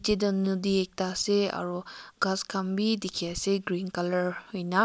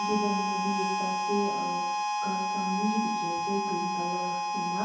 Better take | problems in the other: first | background sound (Harmonica); 3 dB above the speech // room echo; dies away in 0.9 s

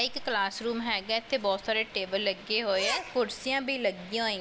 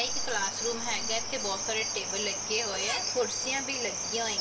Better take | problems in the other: first | background sound (Cricket); 1 dB below the speech // room echo; dies away in 2.9 s

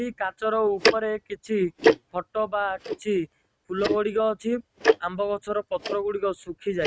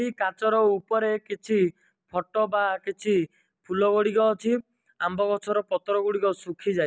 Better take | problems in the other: second | noise reduction (neural mask model RNNoise)

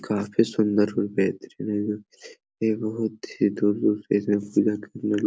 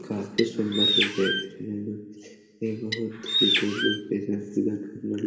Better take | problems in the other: first | background sound (Bird); 1 dB above the speech // room echo; dies away in 1.9 s

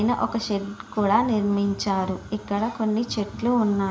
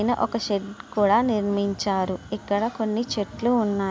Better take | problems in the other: second | room echo; dies away in 1.6 s

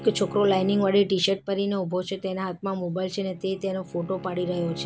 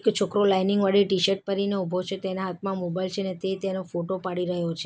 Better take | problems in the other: second | background sound (Bowed string instrument); 15 dB below the speech

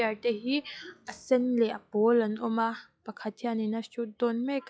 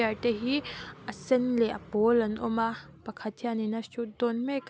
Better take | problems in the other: second | noise reduction (classical method log-MMSE)

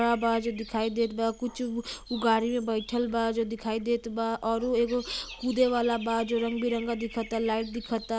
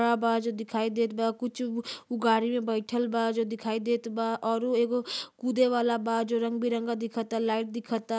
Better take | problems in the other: second | background sound (Bird / Dog); 18 dB below the speech

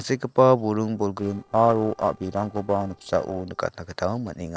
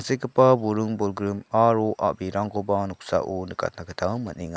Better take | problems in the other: second | noise reduction (neural separator model SepFormer DNS4)

